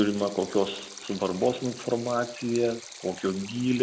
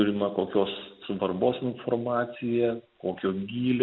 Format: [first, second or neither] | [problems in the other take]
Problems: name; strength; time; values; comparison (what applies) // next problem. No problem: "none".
second | background sound (Stream); 16 dB below the speech